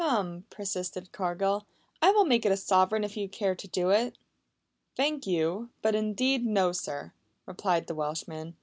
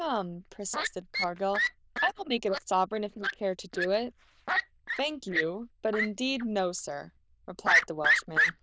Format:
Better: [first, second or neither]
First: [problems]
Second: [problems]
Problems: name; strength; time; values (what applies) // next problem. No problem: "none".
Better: first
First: none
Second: noise reduction (neural diffusion model UNIVERSE++)